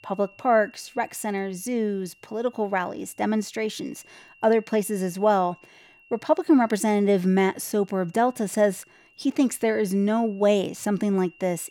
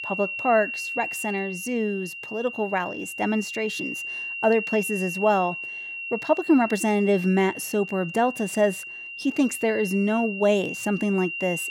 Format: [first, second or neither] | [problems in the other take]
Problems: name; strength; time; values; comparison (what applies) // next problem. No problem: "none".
first | high-pitched whine; loud; throughout; 2.5 kHz, 7 dB below the speech; faint in the first